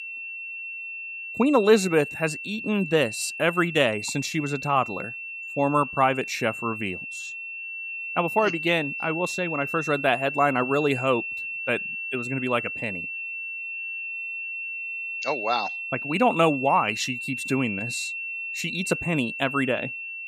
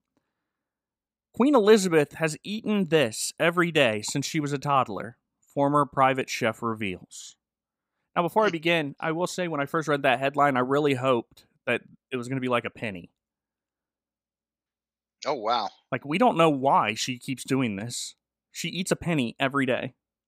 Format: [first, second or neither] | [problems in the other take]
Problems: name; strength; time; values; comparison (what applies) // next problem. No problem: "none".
second | high-pitched whine; loud; throughout; 2.5 kHz, 6 dB below the speech